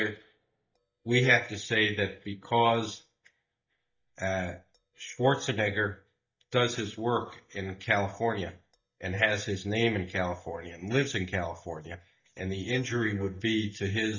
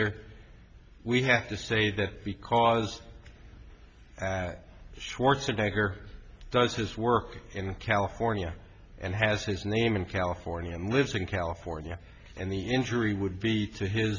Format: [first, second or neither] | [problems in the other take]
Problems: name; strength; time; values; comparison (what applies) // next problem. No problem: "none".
second | noise reduction (neural mask model DeepFilterNet 3)